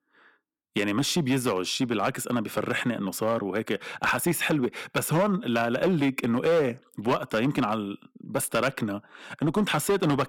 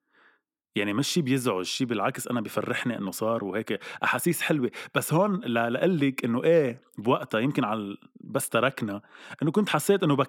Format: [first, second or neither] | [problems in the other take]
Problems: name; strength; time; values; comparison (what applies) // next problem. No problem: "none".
second | distortion; slight; 6% of the sound clipped